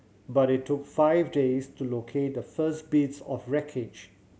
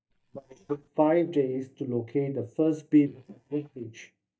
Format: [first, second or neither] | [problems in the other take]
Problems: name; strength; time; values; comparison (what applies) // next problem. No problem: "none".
first | noise reduction (neural mask model DeepFilterNet 3)